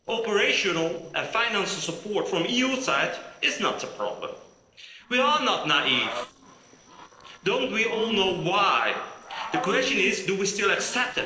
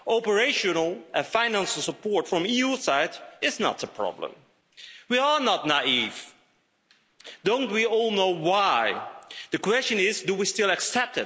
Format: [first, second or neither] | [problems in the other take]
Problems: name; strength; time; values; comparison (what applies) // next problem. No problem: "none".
second | noise reduction (neural separator model SepFormer DNS4)